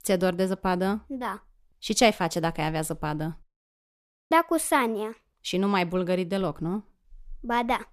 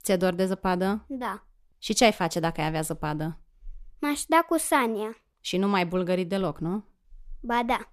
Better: second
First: audio cutting out; at 3.5 s for 1 s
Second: none

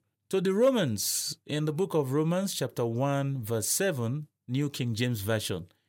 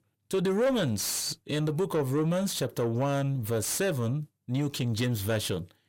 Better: first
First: none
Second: distortion; slight; 10 dB below the speech

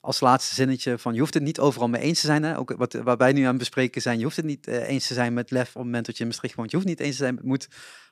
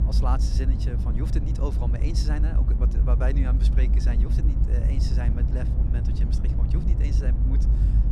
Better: first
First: none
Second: low rumble; loud; throughout; 2 dB below the speech

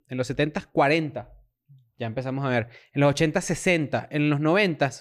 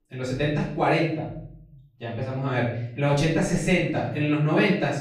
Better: first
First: none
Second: off-mic speech; far // room echo; noticeable; dies away in 0.7 s

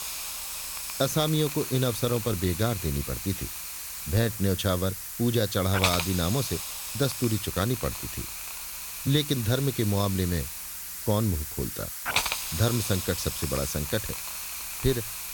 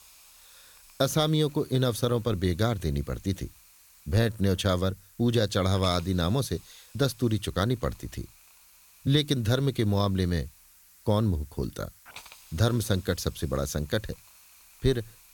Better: second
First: hiss; loud; throughout; 4 dB below the speech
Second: hiss; faint; throughout; 25 dB below the speech

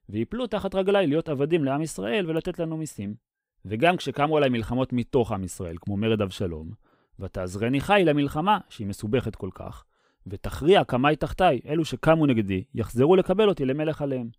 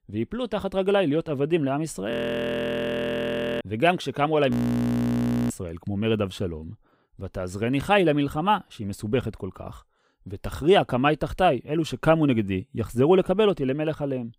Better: first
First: none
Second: audio freezing; at 2 s for 1.5 s and at 4.5 s for 1 s

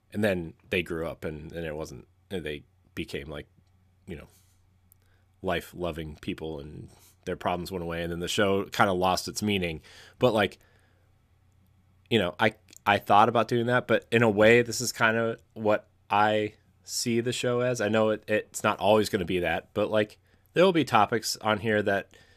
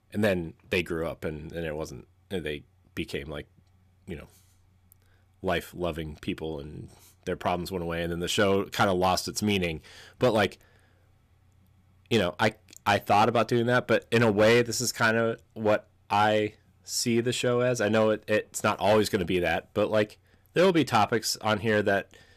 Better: first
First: none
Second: distortion; slight; 2% of the sound clipped

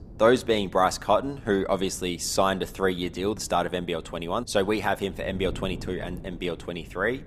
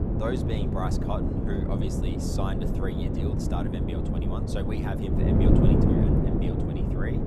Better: first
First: wind noise on the microphone; occasional gusts; 25 dB below the speech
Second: wind noise on the microphone; heavy; 5 dB above the speech

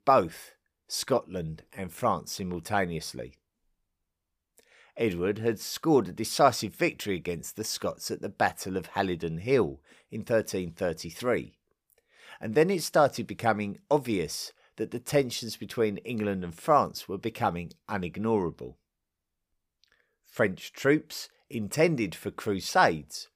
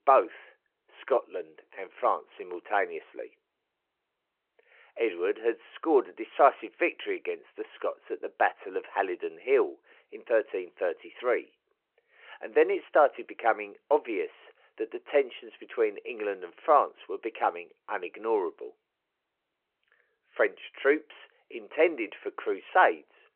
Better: first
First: none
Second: phone-call audio

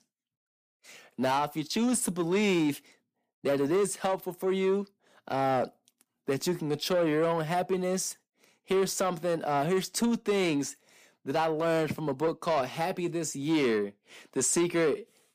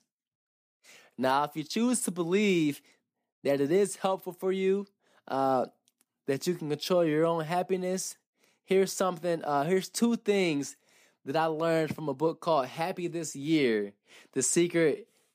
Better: second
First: distortion; slight; 10 dB below the speech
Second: none

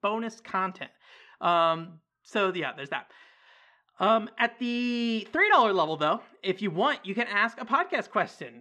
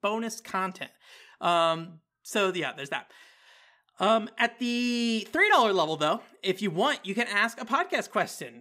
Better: second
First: muffled; slightly; fading above 3.5 kHz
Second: none

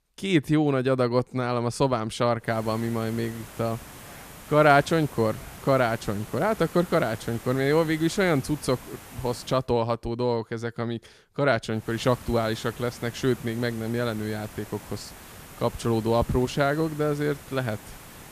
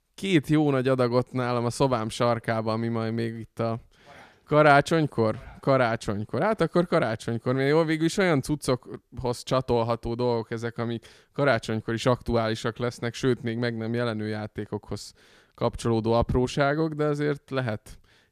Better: second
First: hiss; noticeable; from 2.5 to 9.5 s and from 12 s on; 20 dB below the speech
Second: none

